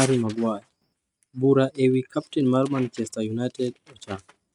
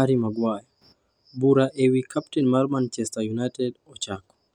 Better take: second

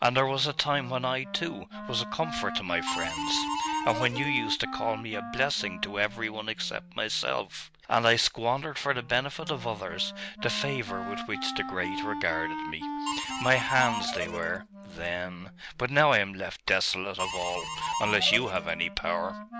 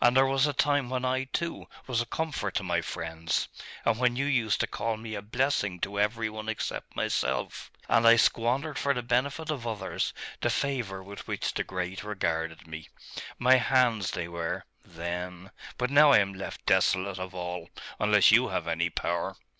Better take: second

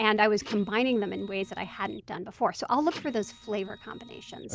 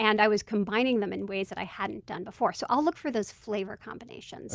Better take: second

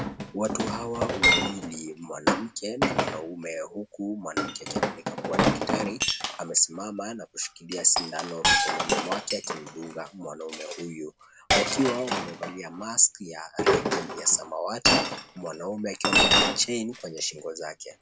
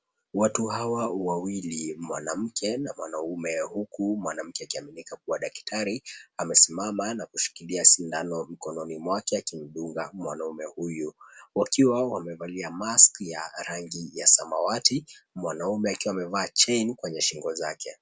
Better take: second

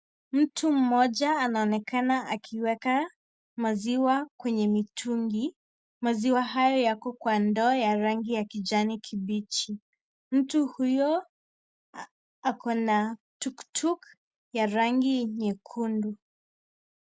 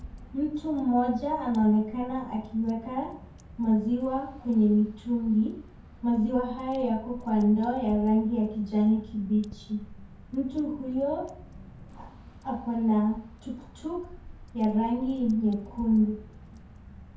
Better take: first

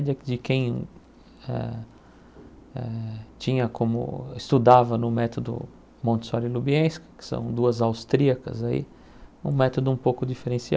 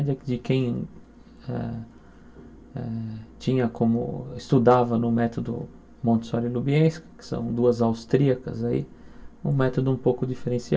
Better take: first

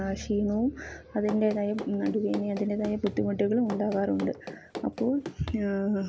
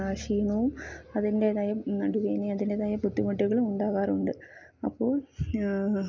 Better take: second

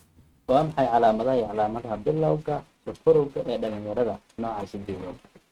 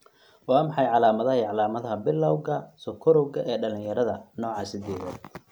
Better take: second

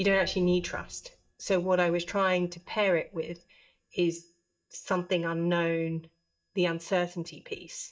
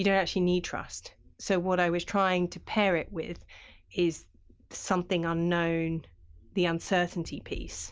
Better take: second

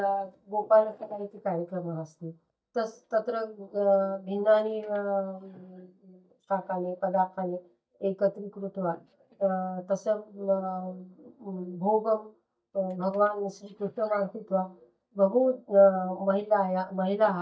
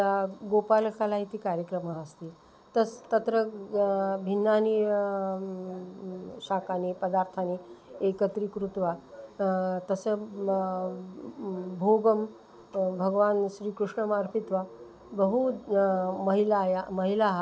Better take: second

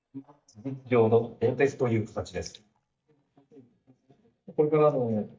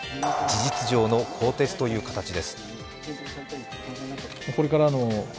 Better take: second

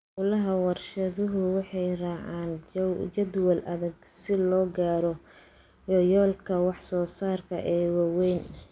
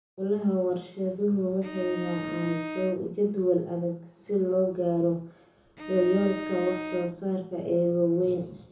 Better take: first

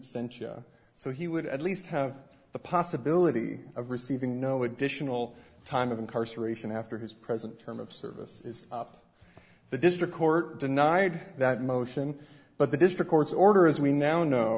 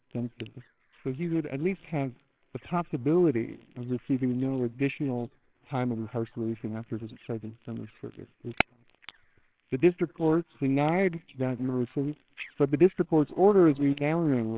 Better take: first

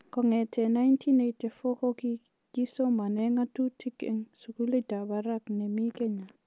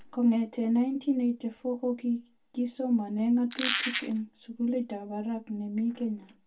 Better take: first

